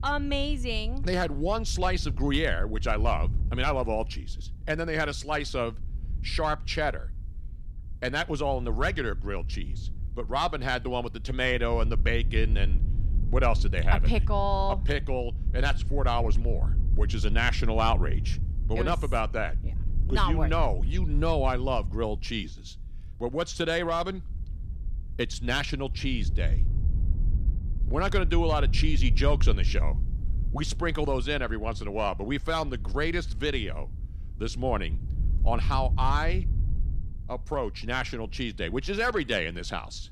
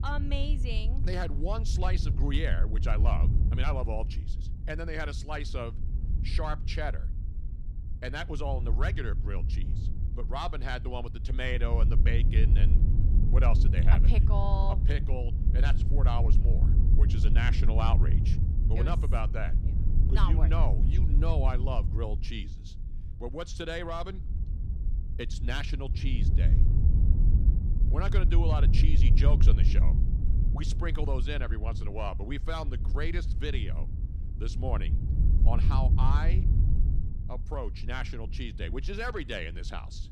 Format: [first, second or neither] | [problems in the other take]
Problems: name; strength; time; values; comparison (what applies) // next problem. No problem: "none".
first | wind noise on the microphone; heavy; 8 dB below the speech; occasional gusts in the first